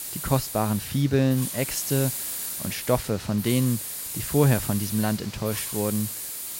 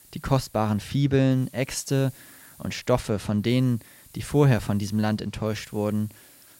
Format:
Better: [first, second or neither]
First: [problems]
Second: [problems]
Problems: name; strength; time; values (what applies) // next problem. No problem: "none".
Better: second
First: hiss; loud; throughout; 5 dB below the speech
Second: hiss; faint; throughout; 25 dB below the speech